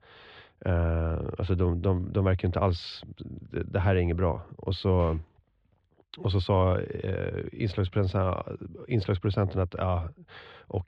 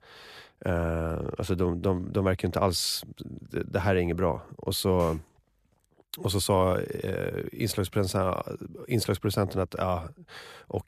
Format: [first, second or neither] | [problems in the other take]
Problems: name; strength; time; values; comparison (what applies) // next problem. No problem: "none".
second | muffled; slightly; fading above 3.5 kHz